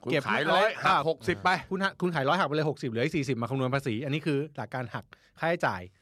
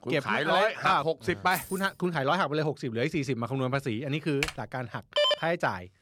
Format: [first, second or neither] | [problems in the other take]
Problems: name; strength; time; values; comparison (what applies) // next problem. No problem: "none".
first | jangling keys; faint; at 1.5 s; peak 10 dB below the speech // keyboard typing; noticeable; at 4.5 s; peak 5 dB below the speech // phone ringing; loud; at 5 s; peak 3 dB above the speech